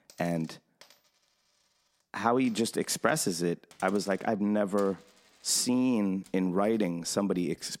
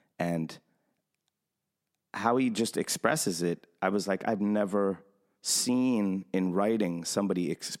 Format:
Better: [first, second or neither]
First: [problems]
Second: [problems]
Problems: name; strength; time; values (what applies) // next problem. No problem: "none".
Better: second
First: household noises; faint; throughout; 30 dB below the speech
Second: none